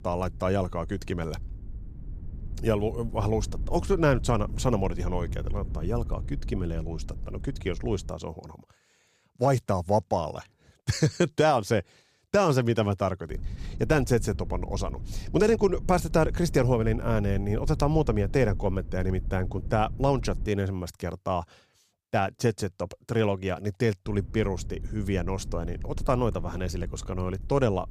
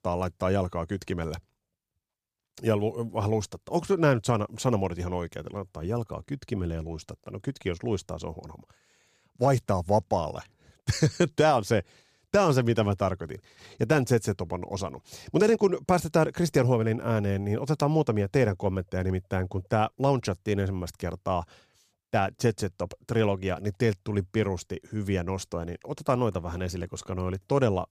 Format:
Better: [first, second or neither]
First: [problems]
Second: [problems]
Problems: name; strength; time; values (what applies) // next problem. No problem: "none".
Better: second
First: low rumble; faint; until 8 s, from 13 to 20 s and from 24 s on; 25 dB below the speech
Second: none